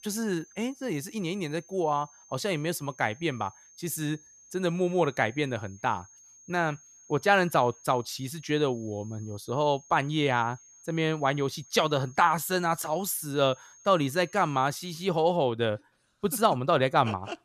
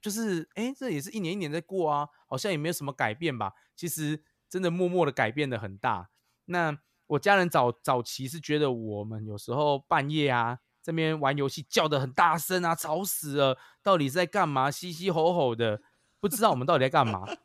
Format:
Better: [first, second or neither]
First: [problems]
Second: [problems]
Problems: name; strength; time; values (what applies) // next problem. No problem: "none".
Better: second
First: high-pitched whine; faint; until 15 s; 6.5 kHz, 25 dB below the speech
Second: none